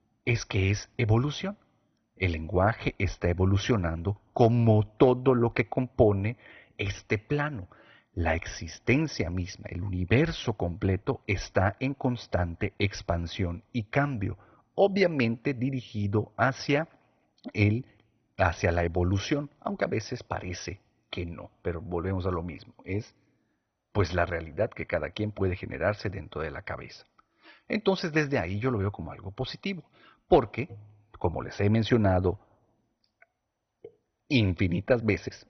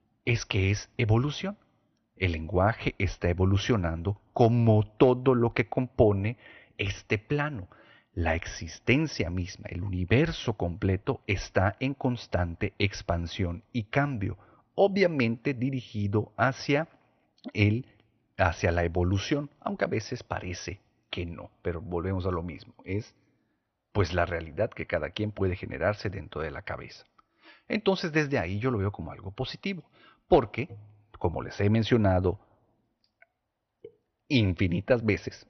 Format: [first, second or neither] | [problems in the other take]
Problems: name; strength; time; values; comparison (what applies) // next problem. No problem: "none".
second | garbled, watery; badly; nothing above 6 kHz; slightly in the second